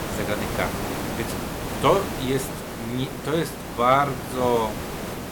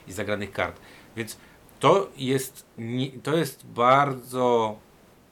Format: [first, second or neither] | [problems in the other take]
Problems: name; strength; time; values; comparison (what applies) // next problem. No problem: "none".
second | hiss; loud; throughout; 6 dB below the speech; faint in the second